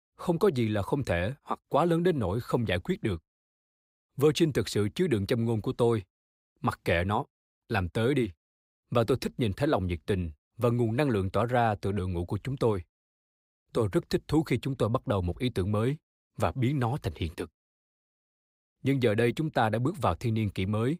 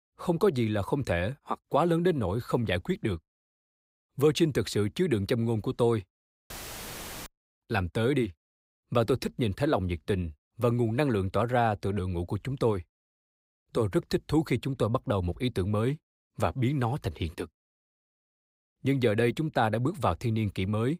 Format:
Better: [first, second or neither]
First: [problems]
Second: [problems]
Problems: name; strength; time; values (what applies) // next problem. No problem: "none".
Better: first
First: none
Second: audio cutting out; filled with static; at 6.5 s for 1 s